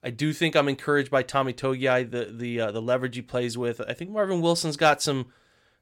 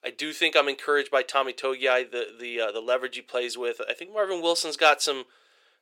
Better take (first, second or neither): first